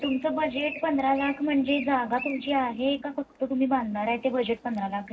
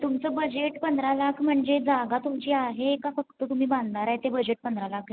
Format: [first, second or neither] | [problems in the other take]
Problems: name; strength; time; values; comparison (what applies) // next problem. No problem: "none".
second | background sound (Bird); 17 dB below the speech // room echo; dies away in 0.4 s